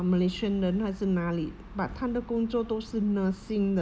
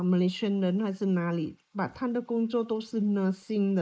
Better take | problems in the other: first | noise reduction (neural mask model Resemble Enhance denoiser)

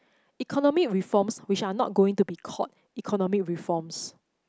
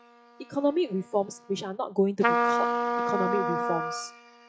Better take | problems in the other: first | noise reduction (classical method log-MMSE)

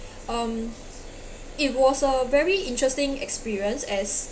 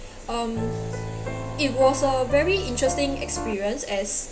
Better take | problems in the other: first | background sound (Piano); 6 dB below the speech

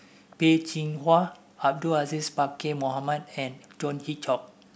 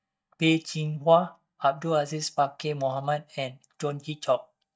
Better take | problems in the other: first | noise reduction (neural mask model DeepFilterNet 3)

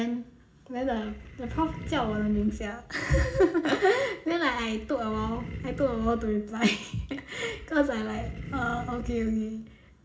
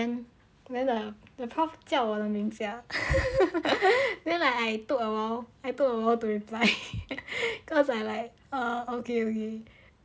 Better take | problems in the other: second | background sound (Animal); 11 dB below the speech // room echo; dies away in 0.4 s

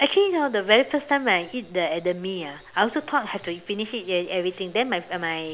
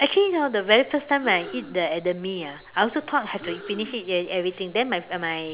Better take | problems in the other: first | background sound (Breathing); 19 dB below the speech

